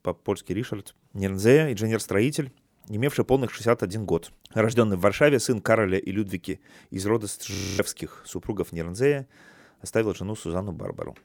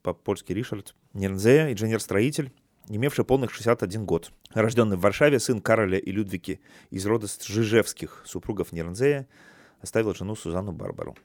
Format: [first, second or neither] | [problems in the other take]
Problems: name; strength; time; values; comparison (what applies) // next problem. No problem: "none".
second | audio freezing; at 7.5 s